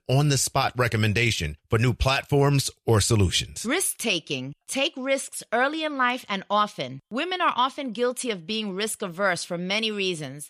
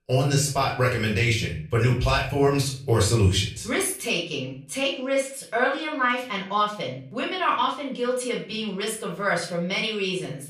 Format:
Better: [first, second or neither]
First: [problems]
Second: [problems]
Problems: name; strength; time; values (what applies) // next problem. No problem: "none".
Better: first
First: none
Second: off-mic speech; far // room echo; slight; dies away in 0.4 s